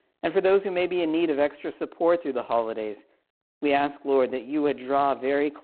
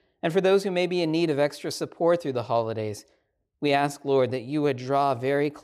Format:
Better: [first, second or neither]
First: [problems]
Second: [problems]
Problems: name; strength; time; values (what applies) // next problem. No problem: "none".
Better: second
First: phone-call audio; poor line; nothing above 4 kHz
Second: none